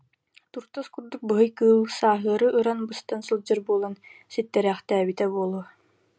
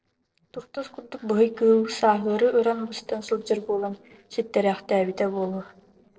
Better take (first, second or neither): first